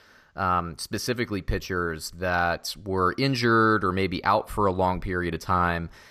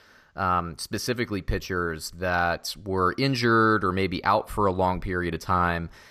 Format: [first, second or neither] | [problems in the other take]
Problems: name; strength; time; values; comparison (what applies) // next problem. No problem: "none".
neither | none